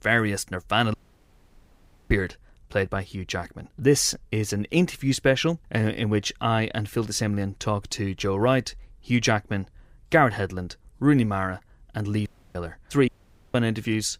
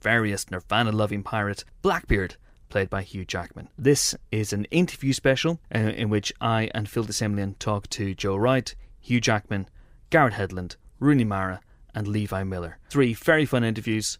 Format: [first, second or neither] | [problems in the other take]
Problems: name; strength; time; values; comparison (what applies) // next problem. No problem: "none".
second | audio cutting out; at 1 s for 1 s, at 12 s and at 13 s